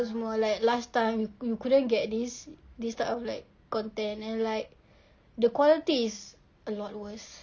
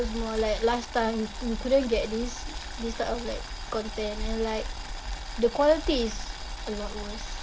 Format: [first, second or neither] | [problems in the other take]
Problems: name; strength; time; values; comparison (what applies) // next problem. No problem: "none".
first | background sound (Boiling); 6 dB below the speech